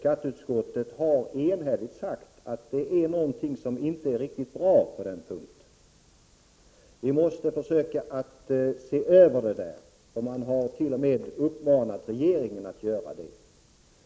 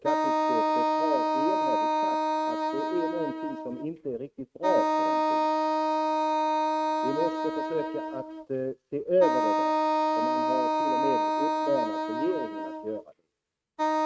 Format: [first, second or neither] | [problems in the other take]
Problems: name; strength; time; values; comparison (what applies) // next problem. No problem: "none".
first | noise reduction (neural mask model RNNoise)